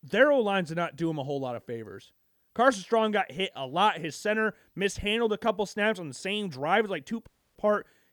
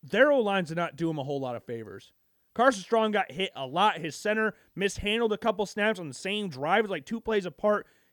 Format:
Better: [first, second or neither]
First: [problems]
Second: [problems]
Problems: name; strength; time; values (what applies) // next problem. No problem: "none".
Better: second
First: audio cutting out; at 7.5 s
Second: none